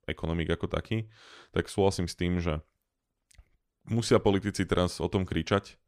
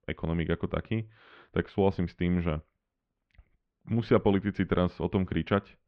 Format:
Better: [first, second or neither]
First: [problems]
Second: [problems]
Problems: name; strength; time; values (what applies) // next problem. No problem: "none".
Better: first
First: none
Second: muffled; very; fading above 3 kHz